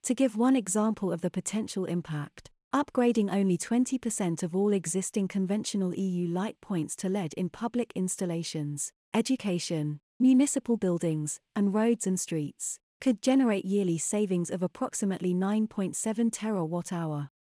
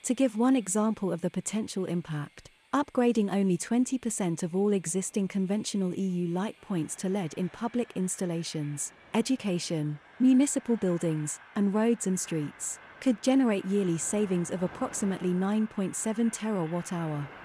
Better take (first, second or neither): first